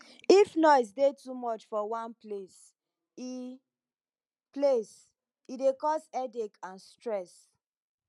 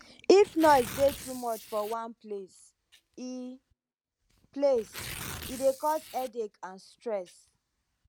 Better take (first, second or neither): first